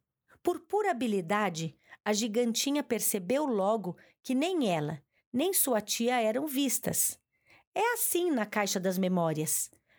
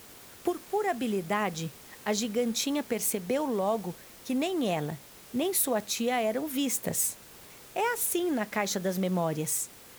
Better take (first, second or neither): first